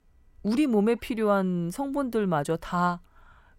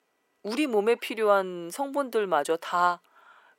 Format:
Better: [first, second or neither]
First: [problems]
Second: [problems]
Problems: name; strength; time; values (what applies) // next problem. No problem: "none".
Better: first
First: none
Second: thin; somewhat; fading below 350 Hz